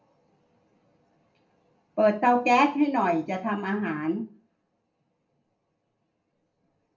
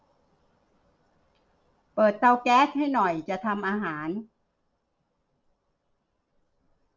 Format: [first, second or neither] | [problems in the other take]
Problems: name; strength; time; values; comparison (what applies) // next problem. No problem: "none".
second | room echo; dies away in 0.3 s